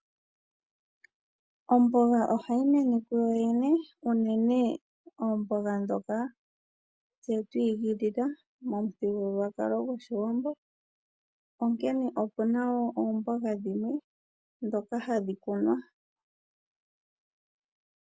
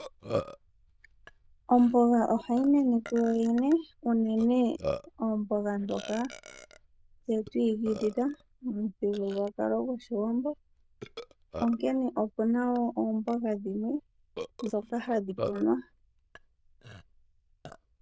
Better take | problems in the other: first | noise reduction (neural diffusion model UNIVERSE++)

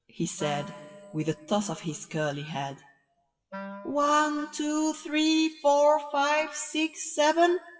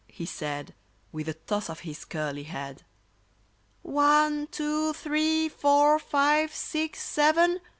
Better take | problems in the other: second | noise reduction (classical method WPE with log-MMSE)

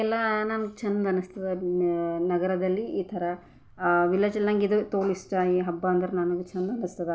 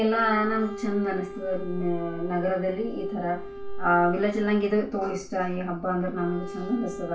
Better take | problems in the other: first | background sound (Wind instrument, woodwind instrument); 14 dB below the speech // room echo; dies away in 0.2 s

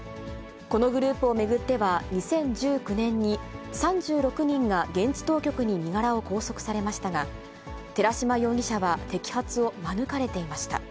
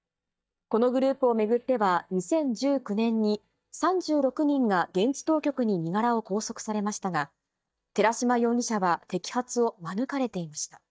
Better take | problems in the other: first | noise reduction (neural mask model DeepFilterNet 3)

